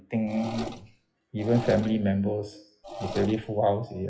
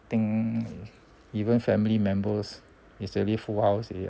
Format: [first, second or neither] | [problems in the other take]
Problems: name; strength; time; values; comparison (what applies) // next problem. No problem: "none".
second | noise reduction (classical method WPE with log-MMSE)